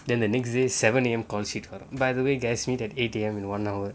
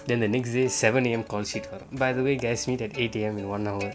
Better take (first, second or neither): first